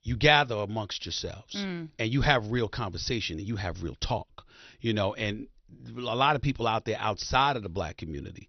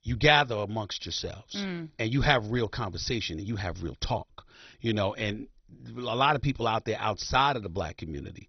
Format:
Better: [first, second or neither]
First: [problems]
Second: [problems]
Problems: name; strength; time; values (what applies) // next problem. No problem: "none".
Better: first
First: garbled, watery; slightly; nothing above 6 kHz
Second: garbled, watery; badly; nothing above 6 kHz